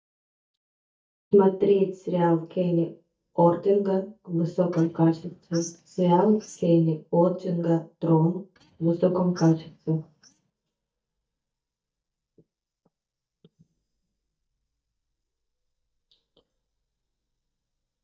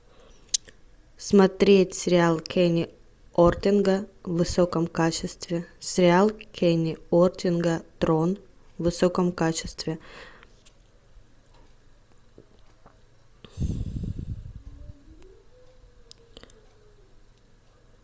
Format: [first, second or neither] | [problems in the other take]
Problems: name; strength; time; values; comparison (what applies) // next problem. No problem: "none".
second | noise reduction (neural mask model DeepFilterNet 3)